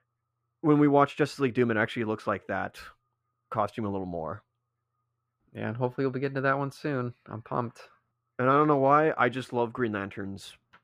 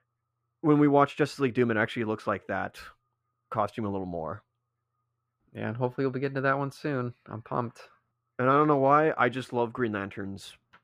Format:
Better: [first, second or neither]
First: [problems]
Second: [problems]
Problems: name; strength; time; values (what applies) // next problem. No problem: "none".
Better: neither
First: muffled; slightly; fading above 3.5 kHz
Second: muffled; slightly; fading above 3.5 kHz